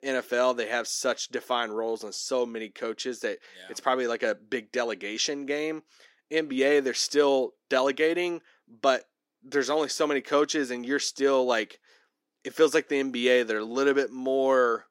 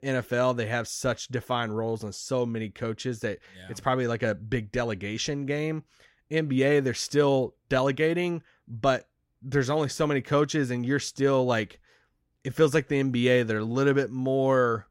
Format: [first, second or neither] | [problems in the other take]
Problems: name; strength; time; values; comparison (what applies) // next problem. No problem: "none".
second | thin; very slightly; fading below 300 Hz